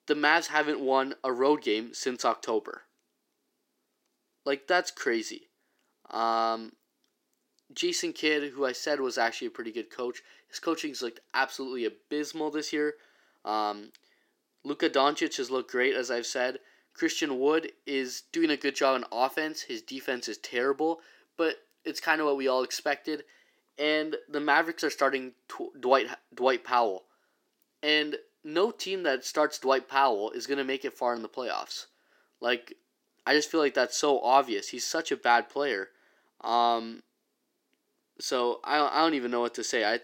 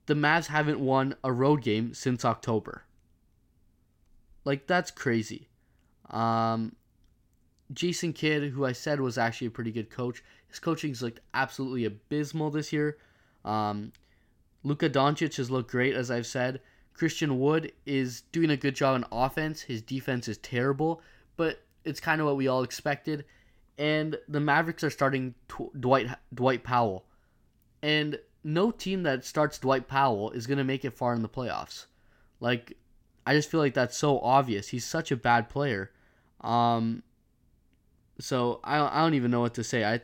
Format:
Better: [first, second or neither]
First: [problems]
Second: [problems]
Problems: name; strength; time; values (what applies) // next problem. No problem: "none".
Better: second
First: thin; somewhat; fading below 350 Hz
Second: none